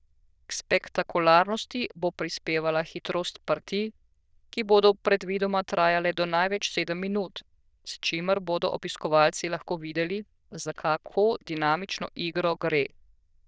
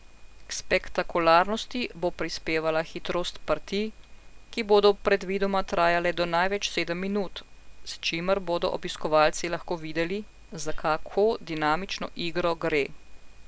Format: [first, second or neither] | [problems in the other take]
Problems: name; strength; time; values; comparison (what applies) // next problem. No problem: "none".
second | noise reduction (neural diffusion model UNIVERSE++)